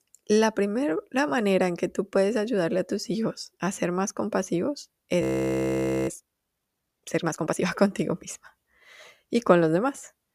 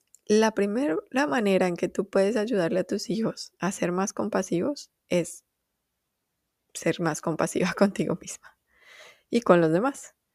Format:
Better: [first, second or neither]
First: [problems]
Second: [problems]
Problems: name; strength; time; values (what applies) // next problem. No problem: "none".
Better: second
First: audio freezing; at 5 s for 1 s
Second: none